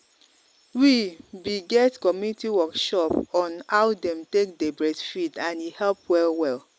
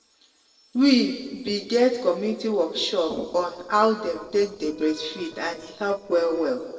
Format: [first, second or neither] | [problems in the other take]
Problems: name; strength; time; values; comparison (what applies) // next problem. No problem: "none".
first | noise reduction (neural separator model SepFormer DNS4)